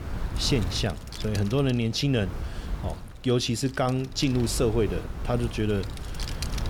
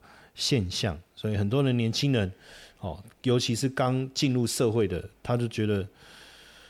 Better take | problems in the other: second | wind noise on the microphone; occasional gusts; 10 dB below the speech

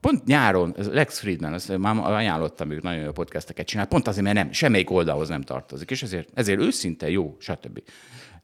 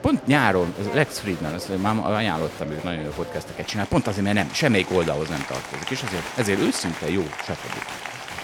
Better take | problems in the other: first | crowd noise; loud; throughout; 10 dB below the speech

